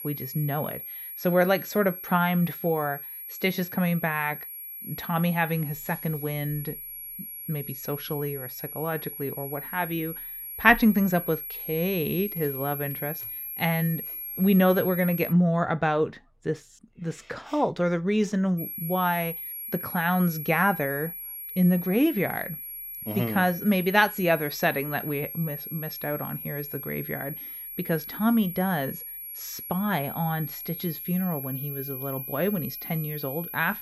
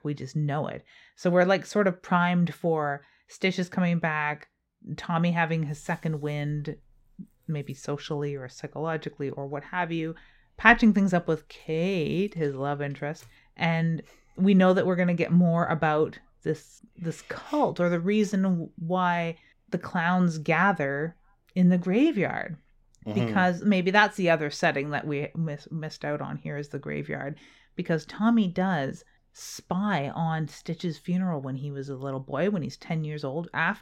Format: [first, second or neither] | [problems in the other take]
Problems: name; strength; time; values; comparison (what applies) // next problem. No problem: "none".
second | high-pitched whine; loud; until 15 s and from 19 s on; 11.5 kHz, 8 dB below the speech